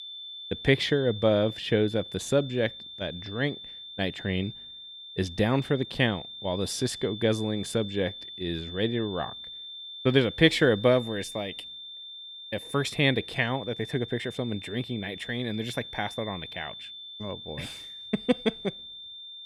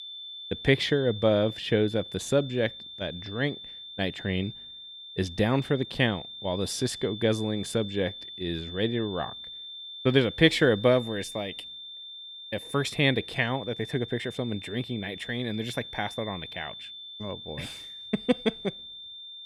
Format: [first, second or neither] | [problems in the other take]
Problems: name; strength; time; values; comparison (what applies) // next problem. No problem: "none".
neither | high-pitched whine; noticeable; throughout; 3.5 kHz, 10 dB below the speech; the same in both